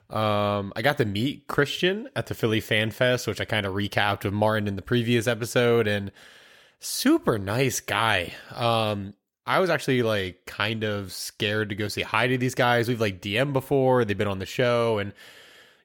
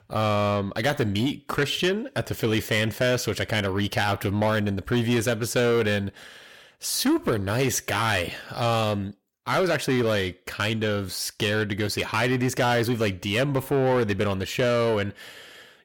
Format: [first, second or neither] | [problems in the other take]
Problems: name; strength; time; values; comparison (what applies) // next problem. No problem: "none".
first | distortion; slight; 10 dB below the speech